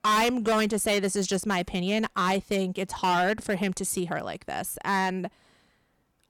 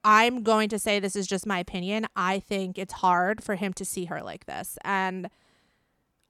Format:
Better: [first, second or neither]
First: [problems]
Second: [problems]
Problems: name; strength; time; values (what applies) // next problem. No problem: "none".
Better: second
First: distortion; heavy; 9% of the sound clipped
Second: none